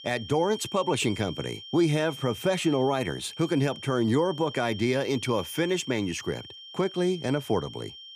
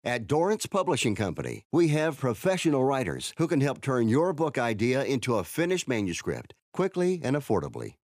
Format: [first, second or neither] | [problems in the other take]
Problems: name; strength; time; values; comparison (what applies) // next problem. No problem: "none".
second | high-pitched whine; noticeable; throughout; 3 kHz, 15 dB below the speech